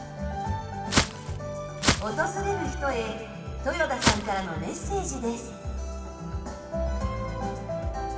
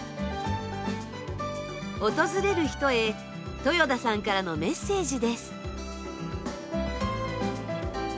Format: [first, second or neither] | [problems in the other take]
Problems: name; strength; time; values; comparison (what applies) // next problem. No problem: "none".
second | background sound (Walk, footsteps); 3 dB above the speech // room echo; dies away in 2 s